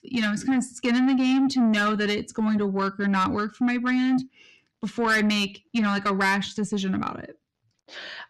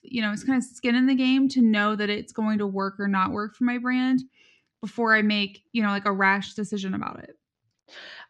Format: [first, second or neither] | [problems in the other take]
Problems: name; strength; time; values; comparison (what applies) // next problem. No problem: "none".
second | distortion; slight; 10 dB below the speech